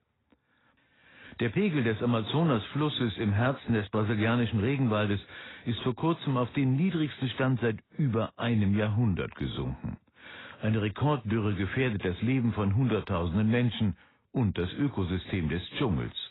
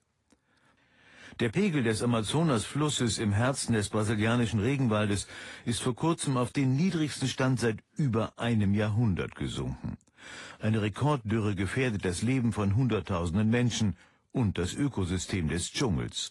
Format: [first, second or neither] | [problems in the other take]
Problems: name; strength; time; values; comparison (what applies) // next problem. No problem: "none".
second | garbled, watery; badly; nothing above 4 kHz; slightly in the second